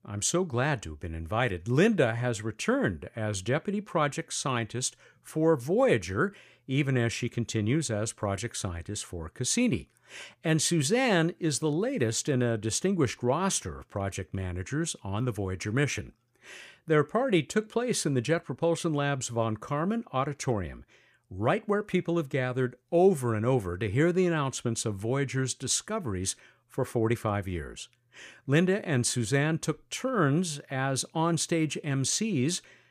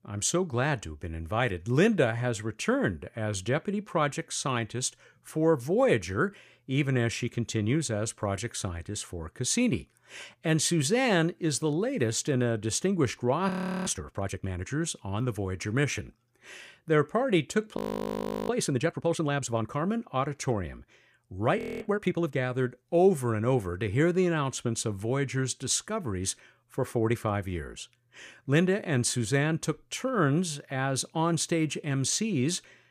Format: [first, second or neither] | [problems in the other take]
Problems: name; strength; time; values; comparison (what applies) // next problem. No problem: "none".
first | audio freezing; at 13 s, at 18 s for 0.5 s and at 22 s